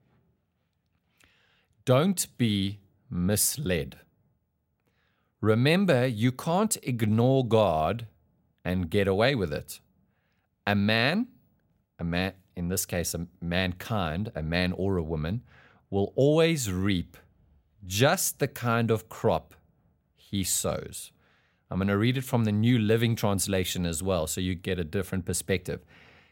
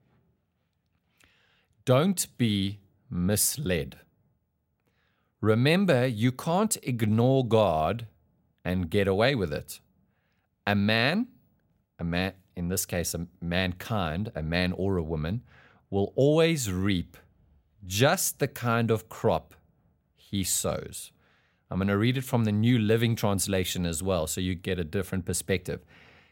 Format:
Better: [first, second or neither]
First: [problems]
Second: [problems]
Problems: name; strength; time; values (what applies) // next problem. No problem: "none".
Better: neither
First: none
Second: none